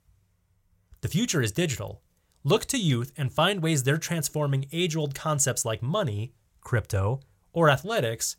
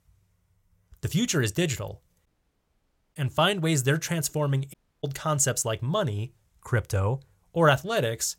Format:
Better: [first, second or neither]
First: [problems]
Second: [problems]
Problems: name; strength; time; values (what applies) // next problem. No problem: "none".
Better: first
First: none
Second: audio cutting out; at 2.5 s for 1 s and at 4.5 s